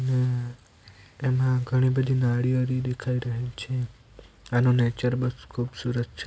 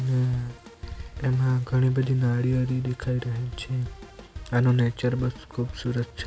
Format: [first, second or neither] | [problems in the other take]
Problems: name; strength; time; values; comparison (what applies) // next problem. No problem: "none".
first | background sound (Drum kit); 16 dB below the speech